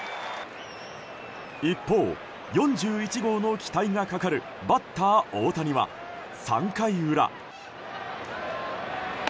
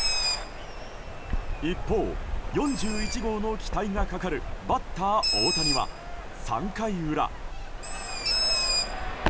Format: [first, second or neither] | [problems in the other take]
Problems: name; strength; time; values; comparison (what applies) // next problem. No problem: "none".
first | background sound (Bird); 1 dB above the speech